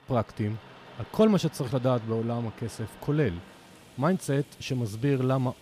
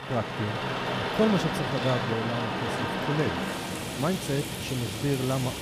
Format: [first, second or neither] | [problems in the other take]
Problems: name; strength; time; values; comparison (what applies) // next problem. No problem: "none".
first | rain or running water; loud; throughout; 1 dB below the speech; faint in the first